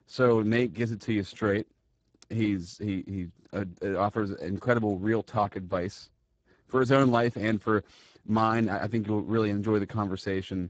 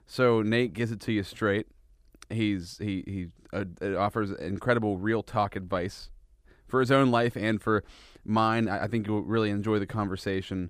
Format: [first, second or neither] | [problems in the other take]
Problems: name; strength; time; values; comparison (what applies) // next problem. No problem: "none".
second | garbled, watery; badly; nothing above 7.5 kHz